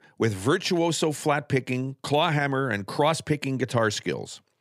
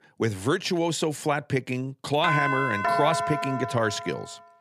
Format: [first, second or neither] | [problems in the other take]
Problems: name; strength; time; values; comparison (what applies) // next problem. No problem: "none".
first | doorbell; loud; from 2 s on; peak 2 dB above the speech